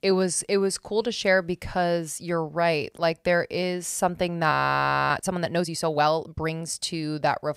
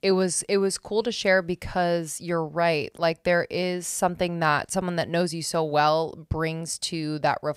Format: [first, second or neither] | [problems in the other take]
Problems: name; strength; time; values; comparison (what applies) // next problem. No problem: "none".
second | audio freezing; at 4.5 s for 0.5 s